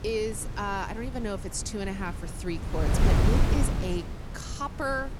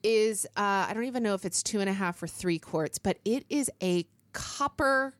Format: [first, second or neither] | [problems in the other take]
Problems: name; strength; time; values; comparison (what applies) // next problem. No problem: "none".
second | wind noise on the microphone; heavy; 4 dB below the speech